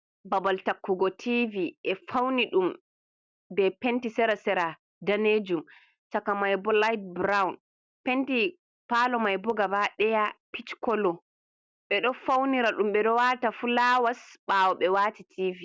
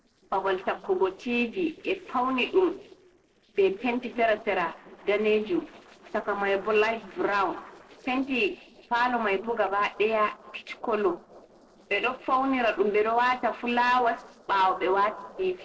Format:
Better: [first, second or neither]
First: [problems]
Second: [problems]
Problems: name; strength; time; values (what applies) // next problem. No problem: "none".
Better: first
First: none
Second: noise reduction (neural separator model SepFormer DNS4)